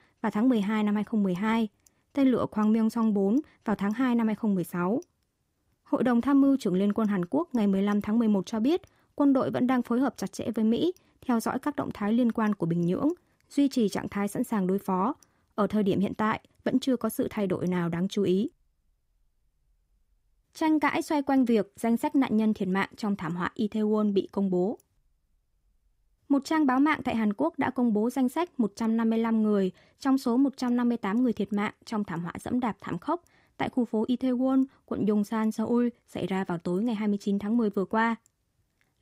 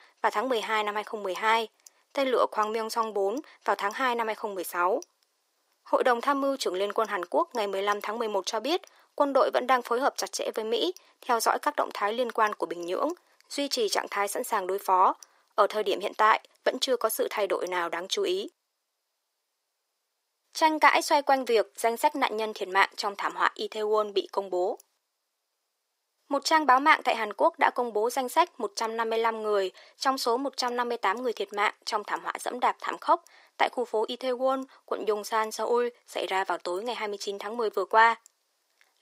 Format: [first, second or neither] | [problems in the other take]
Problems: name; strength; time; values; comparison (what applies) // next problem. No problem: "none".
first | thin; very; fading below 450 Hz